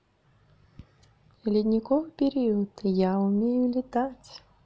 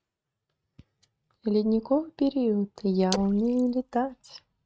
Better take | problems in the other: first | noise reduction (neural mask model RNNoise)

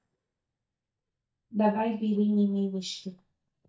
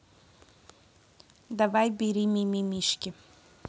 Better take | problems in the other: second | noise reduction (neural mask model DeepFilterNet 3)

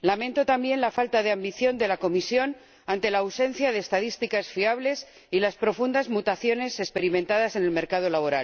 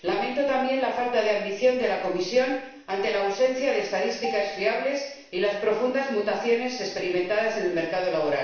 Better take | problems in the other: first | background sound (Marimba, xylophone); 16 dB below the speech // room echo; dies away in 0.7 s

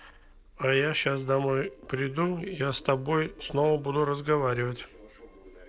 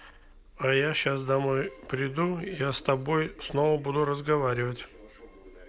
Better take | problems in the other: second | noise reduction (neural separator model SepFormer DNS4)

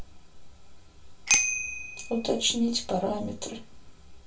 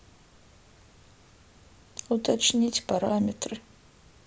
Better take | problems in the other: second | background sound (Bicycle bell); as loud as the speech // room echo; dies away in 0.2 s

